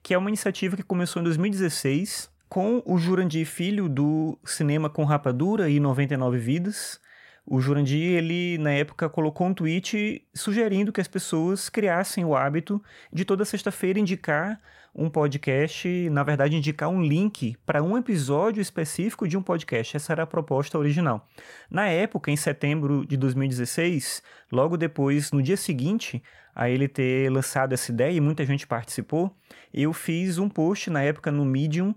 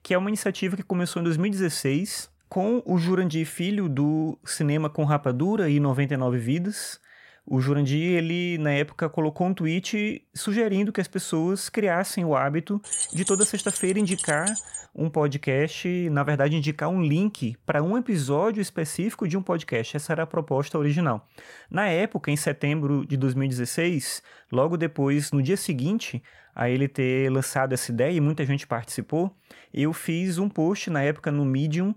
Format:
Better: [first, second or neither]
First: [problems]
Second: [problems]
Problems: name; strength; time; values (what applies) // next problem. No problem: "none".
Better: first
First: none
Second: jangling keys; loud; from 13 to 15 s; peak 2 dB above the speech